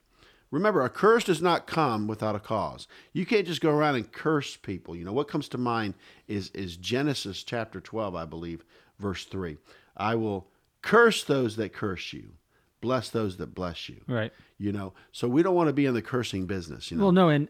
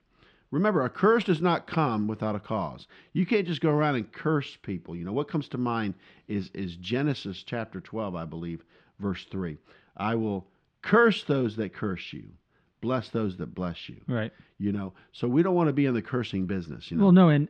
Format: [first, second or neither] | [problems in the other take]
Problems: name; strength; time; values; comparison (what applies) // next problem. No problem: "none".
first | muffled; very slightly; fading above 3 kHz